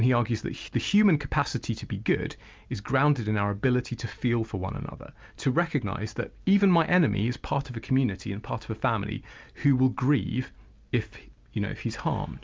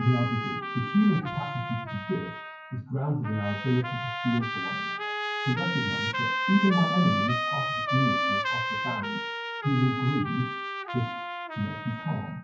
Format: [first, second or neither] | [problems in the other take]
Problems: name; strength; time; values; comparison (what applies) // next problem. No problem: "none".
first | noise reduction (classical method WPE with log-MMSE)